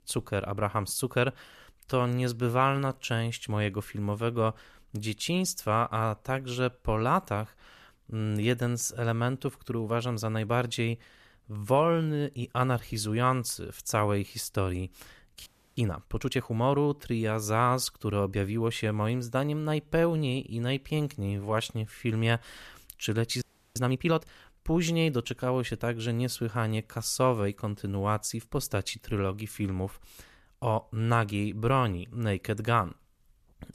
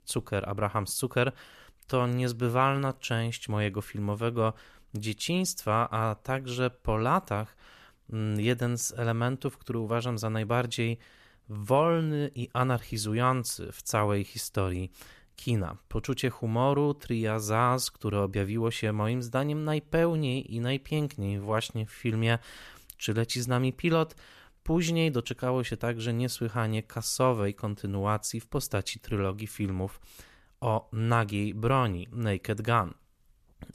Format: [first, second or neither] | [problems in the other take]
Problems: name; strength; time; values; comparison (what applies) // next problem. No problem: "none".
second | audio freezing; at 15 s and at 23 s